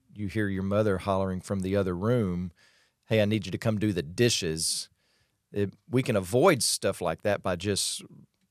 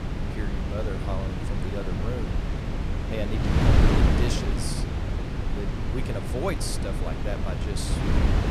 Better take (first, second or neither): first